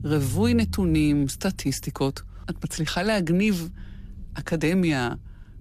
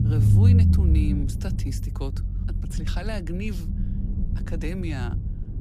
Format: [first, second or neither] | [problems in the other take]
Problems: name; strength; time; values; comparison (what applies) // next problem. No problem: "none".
first | low rumble; loud; throughout; 1 dB below the speech; faint in the first